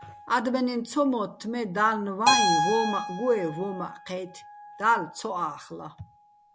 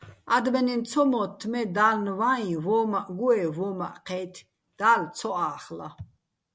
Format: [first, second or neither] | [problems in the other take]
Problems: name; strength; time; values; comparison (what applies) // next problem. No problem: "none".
second | background sound (Keyboard (musical)); 4 dB below the speech